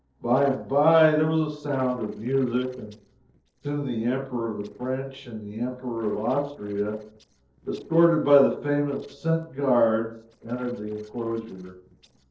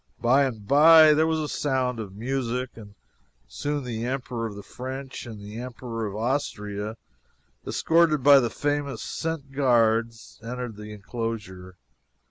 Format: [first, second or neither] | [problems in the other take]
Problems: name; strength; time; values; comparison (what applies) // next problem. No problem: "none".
second | noise reduction (neural separator model SepFormer DNS4)